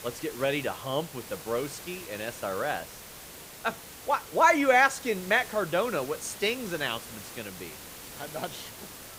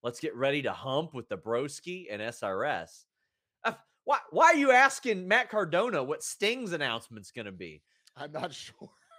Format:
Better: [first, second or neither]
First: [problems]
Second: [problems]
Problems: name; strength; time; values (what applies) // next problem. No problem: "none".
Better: second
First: hiss; noticeable; throughout; 15 dB below the speech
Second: none